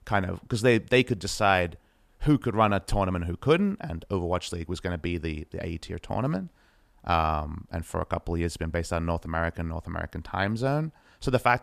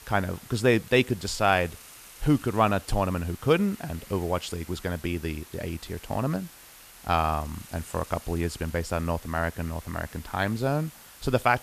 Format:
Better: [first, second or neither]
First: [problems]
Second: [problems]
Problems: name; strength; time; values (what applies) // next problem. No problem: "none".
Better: first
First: none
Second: hiss; noticeable; throughout; 20 dB below the speech